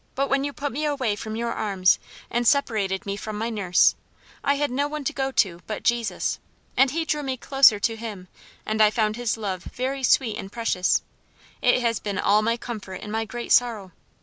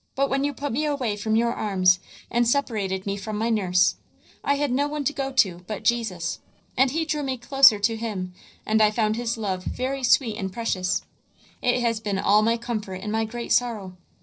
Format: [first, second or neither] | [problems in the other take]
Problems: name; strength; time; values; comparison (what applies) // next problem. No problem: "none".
first | noise reduction (neural separator model SepFormer DNS4)